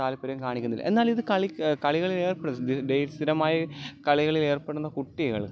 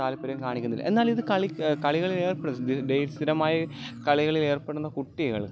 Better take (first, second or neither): first